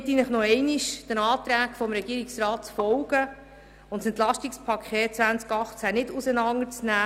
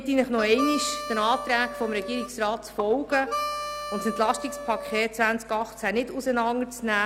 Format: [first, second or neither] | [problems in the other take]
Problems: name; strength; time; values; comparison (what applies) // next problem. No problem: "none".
first | background sound (Harmonica); 8 dB below the speech